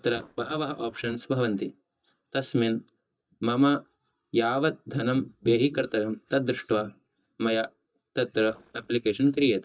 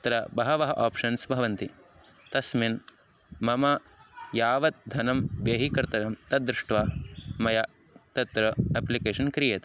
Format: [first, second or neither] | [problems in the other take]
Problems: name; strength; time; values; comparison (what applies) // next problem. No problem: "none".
second | noise reduction (neural mask model DeepFilterNet 3)